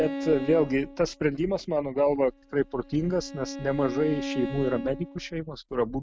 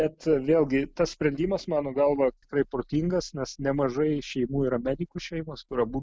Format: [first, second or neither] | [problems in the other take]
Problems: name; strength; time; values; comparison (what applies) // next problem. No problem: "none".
second | background sound (Bowed string instrument); 10 dB below the speech